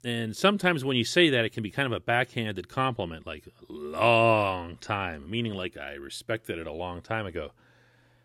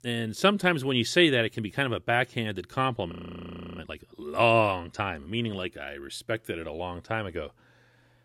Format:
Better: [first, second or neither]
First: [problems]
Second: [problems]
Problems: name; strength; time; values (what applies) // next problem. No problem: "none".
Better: first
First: none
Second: audio freezing; at 3 s for 0.5 s